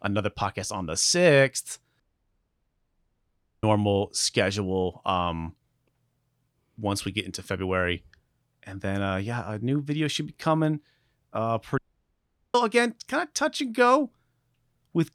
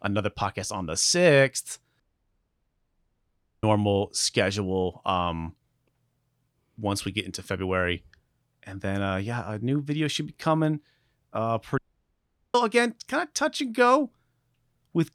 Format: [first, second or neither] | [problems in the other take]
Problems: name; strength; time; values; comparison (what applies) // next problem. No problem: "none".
neither | audio cutting out; at 2 s for 1.5 s and at 12 s for 1 s; the same in both